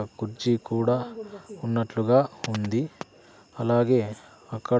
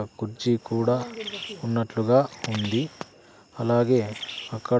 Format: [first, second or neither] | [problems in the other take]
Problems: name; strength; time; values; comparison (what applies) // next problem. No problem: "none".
first | background sound (Bird); 16 dB below the speech